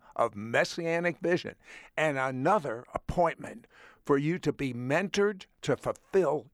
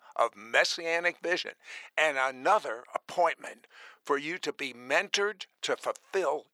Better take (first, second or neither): first